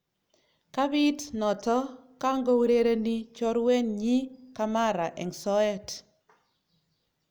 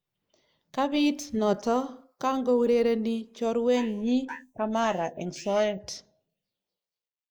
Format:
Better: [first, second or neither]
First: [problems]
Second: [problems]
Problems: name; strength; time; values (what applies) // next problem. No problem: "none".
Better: first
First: none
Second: noise reduction (neural mask model Resemble Enhance denoiser)